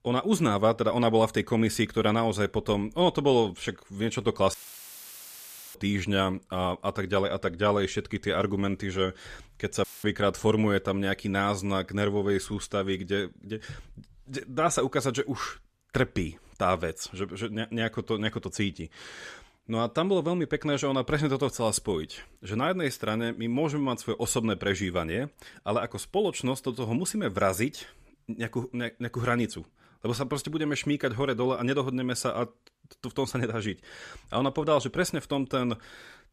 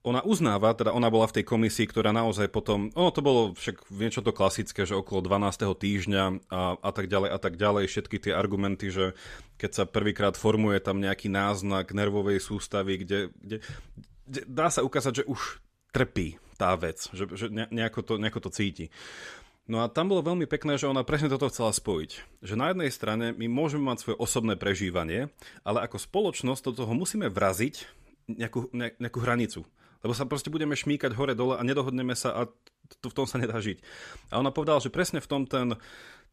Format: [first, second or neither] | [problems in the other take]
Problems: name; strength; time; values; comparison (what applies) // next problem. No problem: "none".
second | audio cutting out; filled with static; at 4.5 s for 1 s and at 10 s